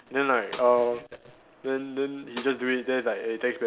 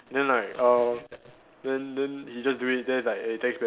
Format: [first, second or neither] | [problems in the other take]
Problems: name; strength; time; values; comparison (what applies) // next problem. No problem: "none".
second | background sound (Snare drum); 19 dB below the speech